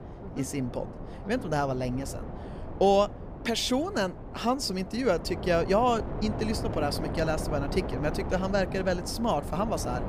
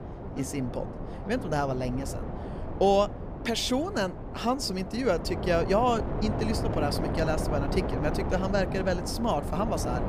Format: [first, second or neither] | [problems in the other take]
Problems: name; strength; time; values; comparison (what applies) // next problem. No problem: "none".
first | wind noise on the microphone; heavy; 8 dB below the speech; occasional gusts in the first